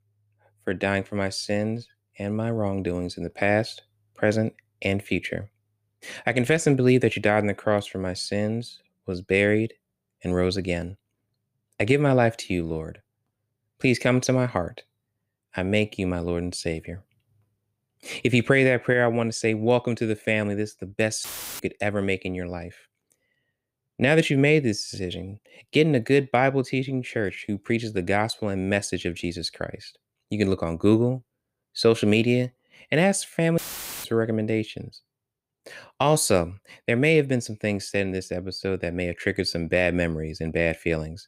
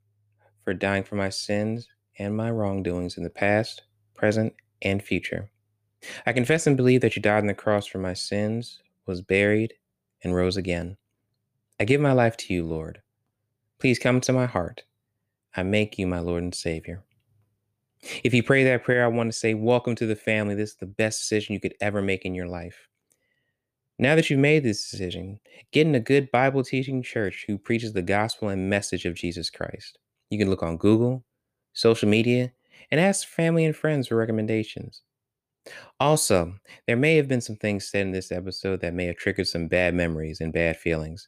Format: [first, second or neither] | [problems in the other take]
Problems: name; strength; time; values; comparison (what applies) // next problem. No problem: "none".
second | audio cutting out; filled with static; at 21 s and at 34 s